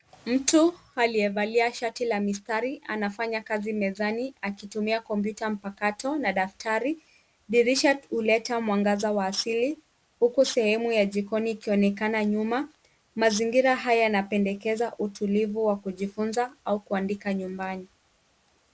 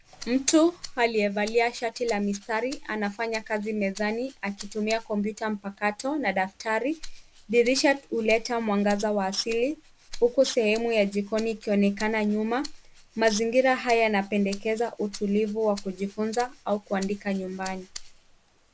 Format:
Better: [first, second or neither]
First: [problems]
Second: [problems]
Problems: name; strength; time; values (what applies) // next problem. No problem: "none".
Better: first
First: none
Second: background sound (Rattle (instrument)); 18 dB below the speech